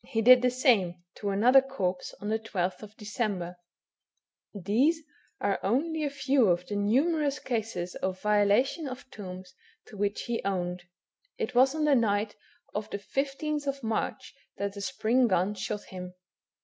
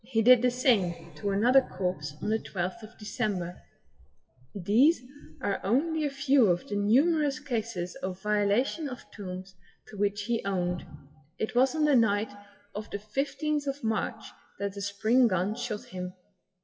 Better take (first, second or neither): first